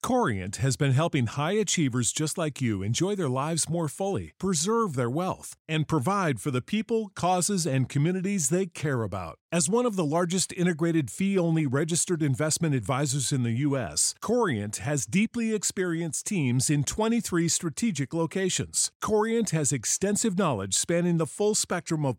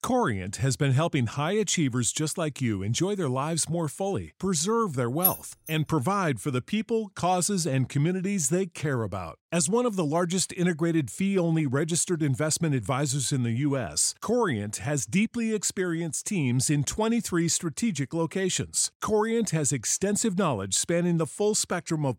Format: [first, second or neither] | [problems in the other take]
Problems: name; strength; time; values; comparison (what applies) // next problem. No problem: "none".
first | jangling keys; loud; at 5 s; peak 2 dB above the speech